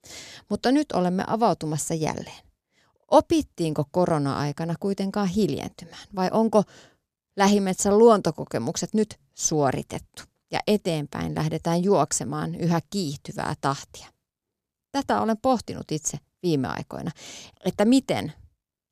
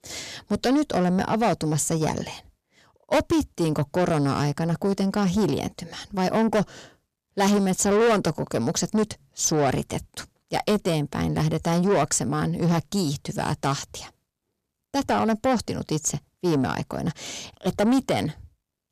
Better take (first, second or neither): first